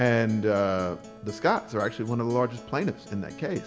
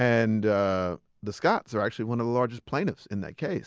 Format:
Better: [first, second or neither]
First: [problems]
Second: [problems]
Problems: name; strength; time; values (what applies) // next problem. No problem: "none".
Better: second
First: background sound (Acoustic guitar); 18 dB below the speech // room echo; dies away in 2.2 s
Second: none